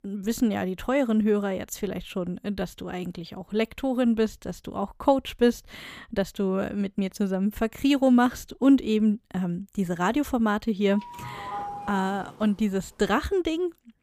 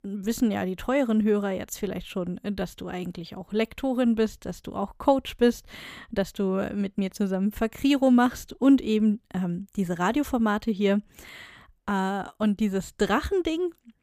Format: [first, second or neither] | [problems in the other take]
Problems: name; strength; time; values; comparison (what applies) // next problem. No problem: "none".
second | doorbell; noticeable; from 11 to 13 s; peak 8 dB below the speech